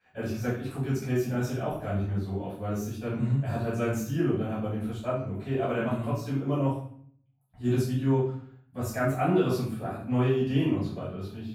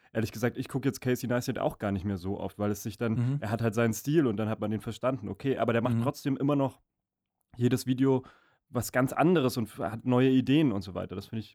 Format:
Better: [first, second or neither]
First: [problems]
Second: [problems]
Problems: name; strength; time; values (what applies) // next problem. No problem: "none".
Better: second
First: room echo; noticeable; dies away in 0.5 s // off-mic speech; far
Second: none